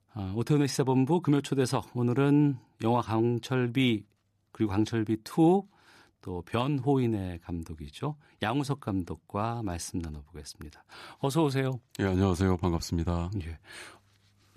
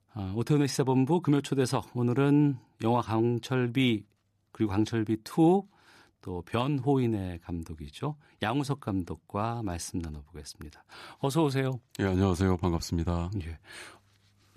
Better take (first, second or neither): neither